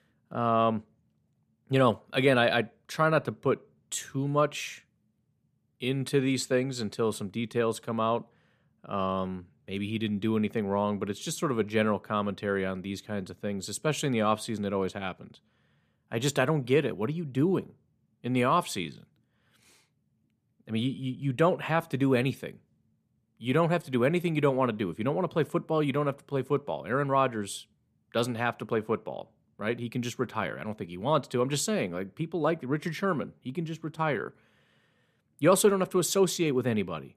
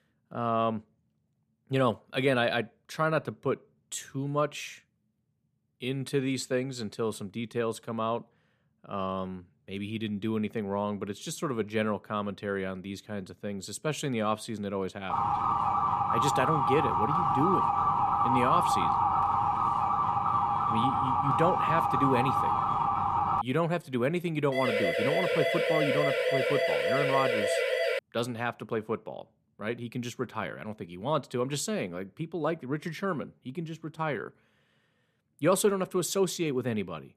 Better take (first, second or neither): first